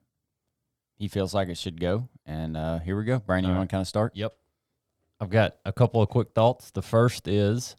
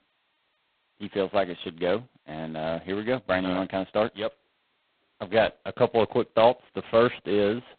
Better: first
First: none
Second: phone-call audio; poor line; nothing above 4 kHz

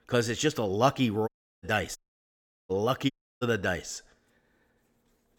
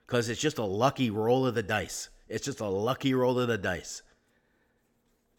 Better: second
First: audio cutting out; at 1.5 s, at 2 s for 0.5 s and at 3 s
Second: none

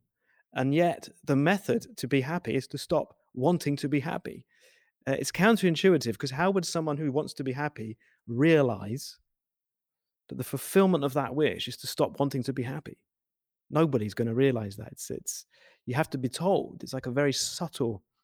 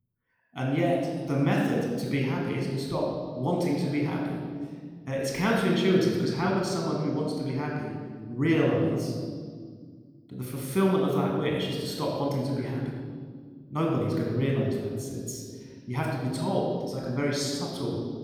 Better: first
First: none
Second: off-mic speech; somewhat distant // room echo; noticeable; dies away in 1.8 s

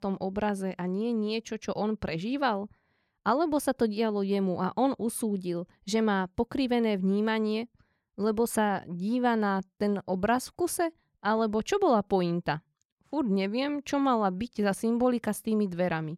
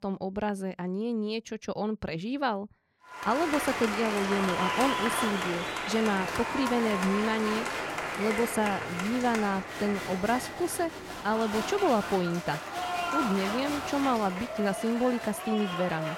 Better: first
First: none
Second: crowd noise; loud; from 3.5 s on; 3 dB below the speech

